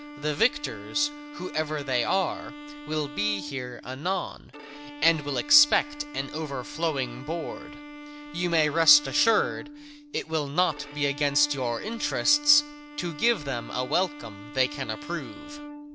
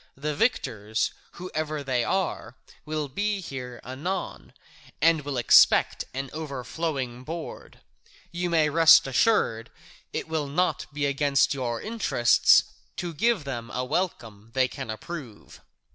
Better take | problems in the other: second | background sound (Bowed string instrument); 13 dB below the speech

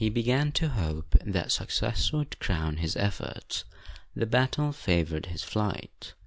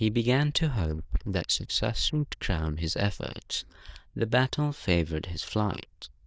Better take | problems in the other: first | noise reduction (neural diffusion model UNIVERSE++)

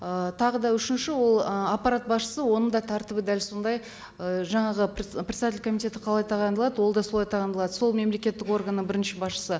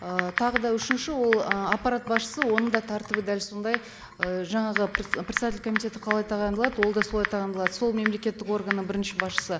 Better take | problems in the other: first | background sound (Typing); 5 dB below the speech

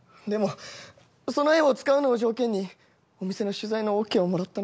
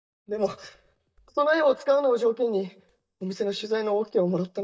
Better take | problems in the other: first | noise reduction (neural mask model DeepFilterNet 3)

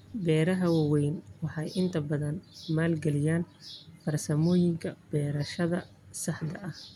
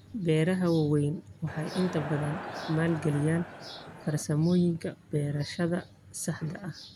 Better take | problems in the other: first | background sound (Crowd); 11 dB below the speech

